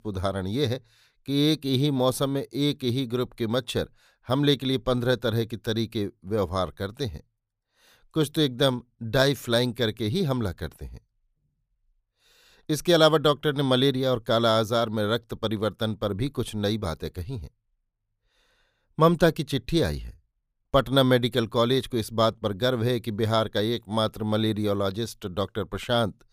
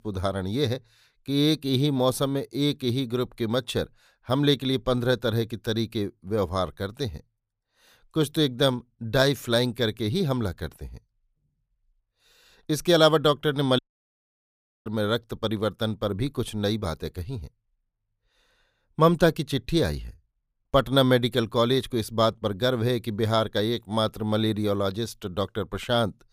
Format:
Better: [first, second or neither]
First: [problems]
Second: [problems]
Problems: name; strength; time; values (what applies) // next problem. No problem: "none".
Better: first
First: none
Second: audio cutting out; at 14 s for 1 s